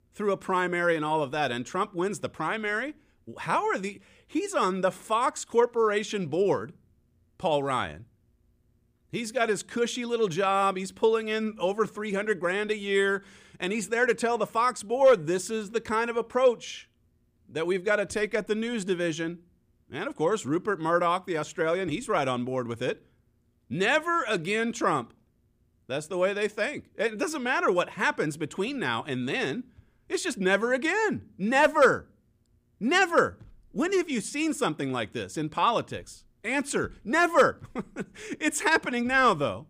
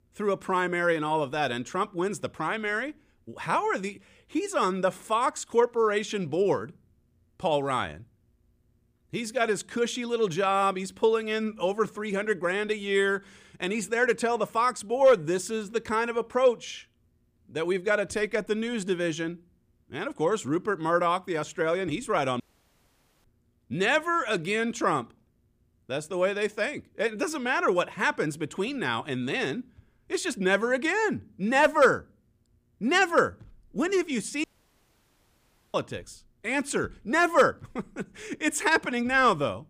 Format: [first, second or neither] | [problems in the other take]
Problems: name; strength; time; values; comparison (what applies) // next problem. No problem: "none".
first | audio cutting out; at 22 s for 1 s and at 34 s for 1.5 s